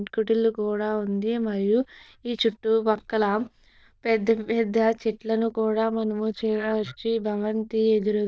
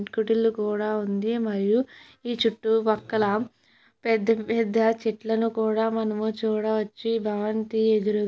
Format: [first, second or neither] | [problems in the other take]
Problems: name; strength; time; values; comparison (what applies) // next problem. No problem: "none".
second | noise reduction (neural diffusion model UNIVERSE++)